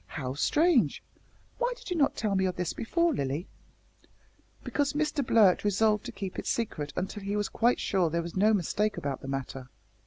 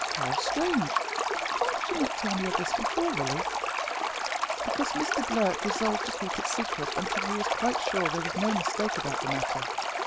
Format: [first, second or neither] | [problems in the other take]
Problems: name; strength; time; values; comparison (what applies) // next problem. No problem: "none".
first | background sound (Stream); 3 dB above the speech